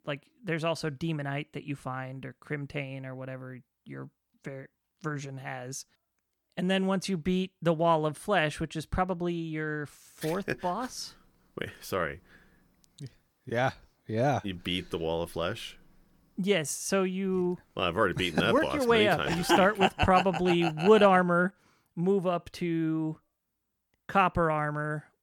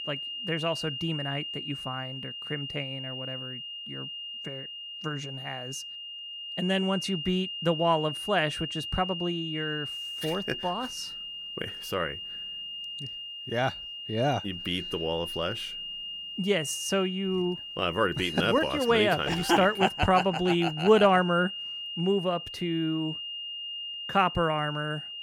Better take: first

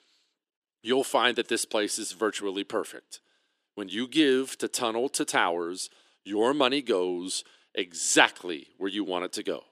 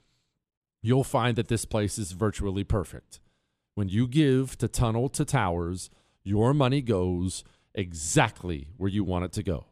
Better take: second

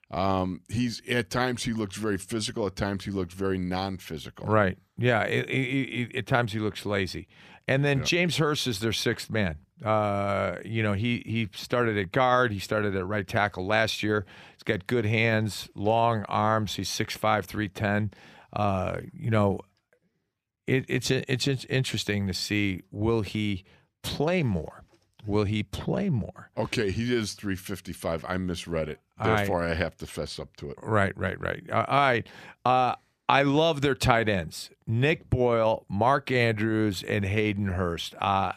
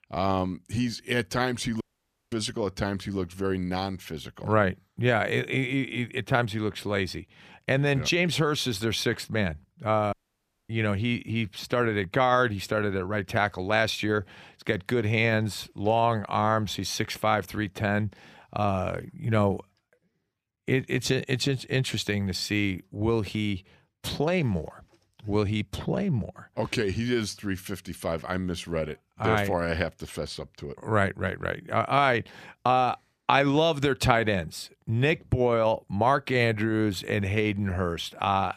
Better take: first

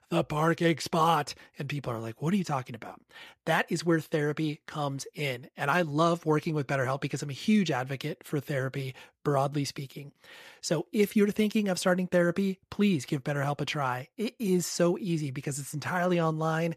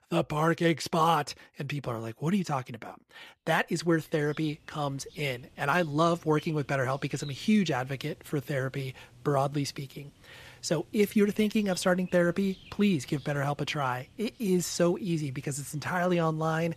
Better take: first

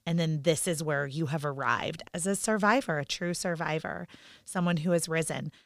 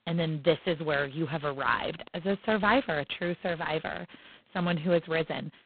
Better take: first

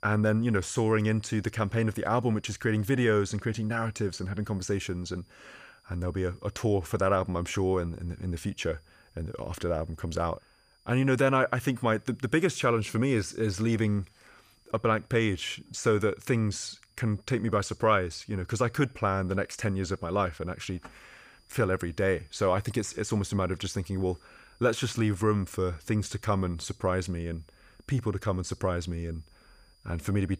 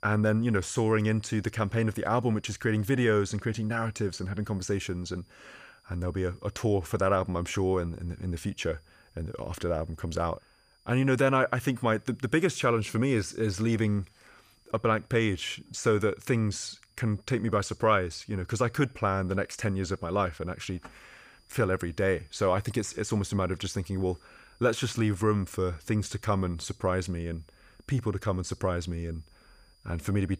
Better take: neither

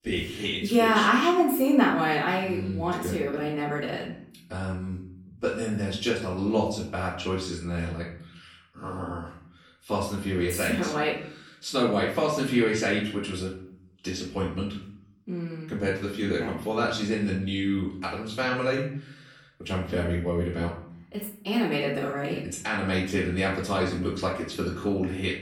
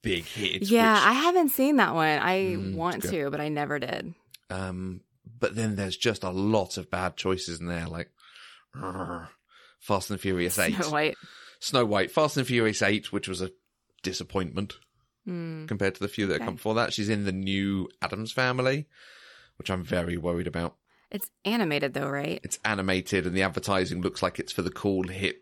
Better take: second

